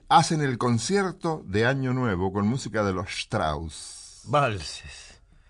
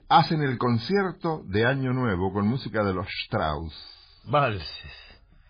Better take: first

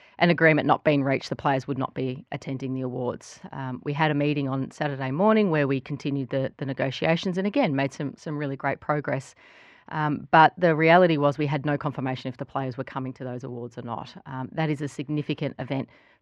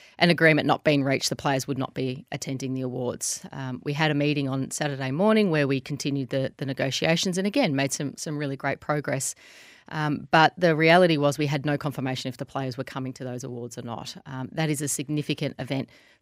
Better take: second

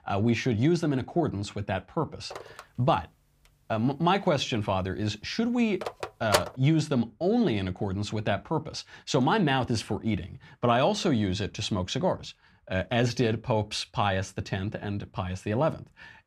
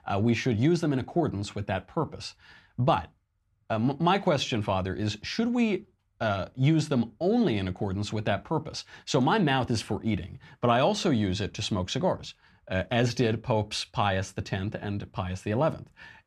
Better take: second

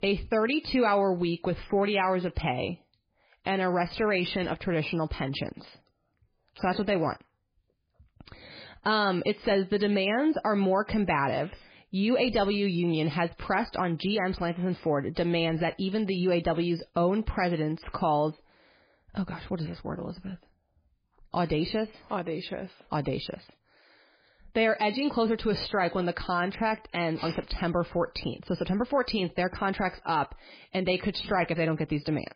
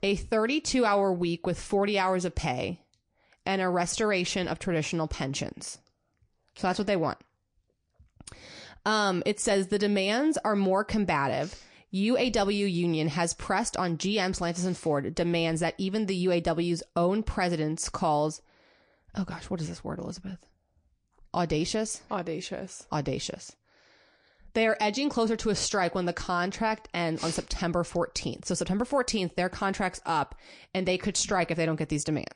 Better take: second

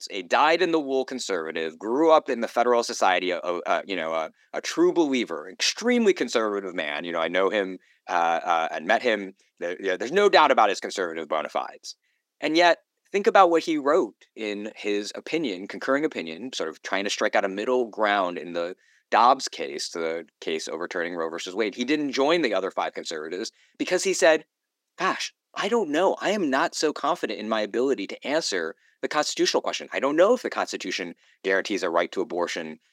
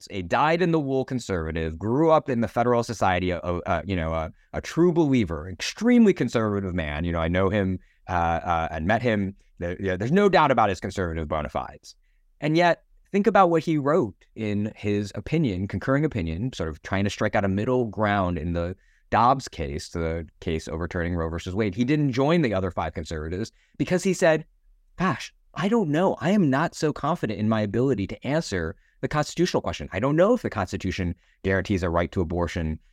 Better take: second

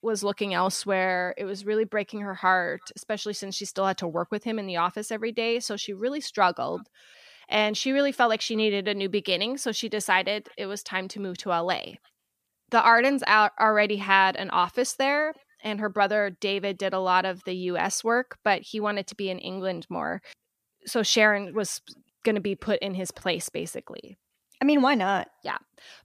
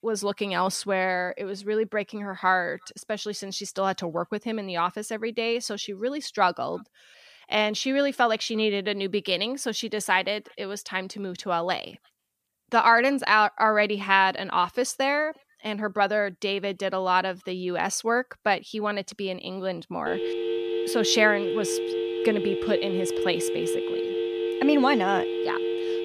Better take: first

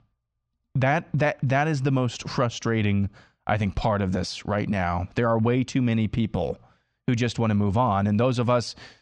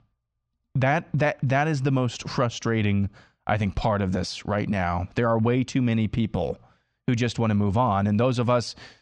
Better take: neither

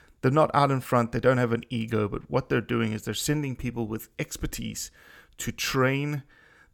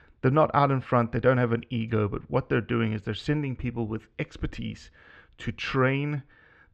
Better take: first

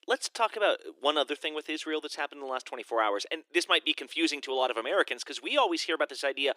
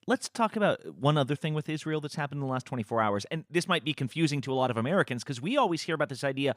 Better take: second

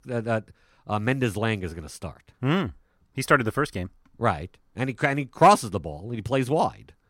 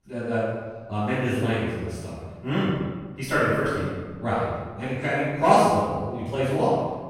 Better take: first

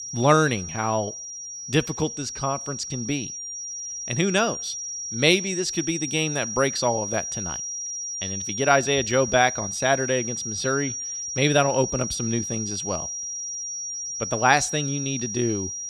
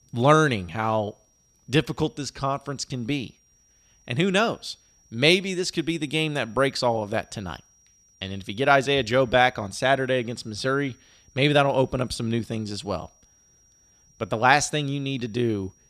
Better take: second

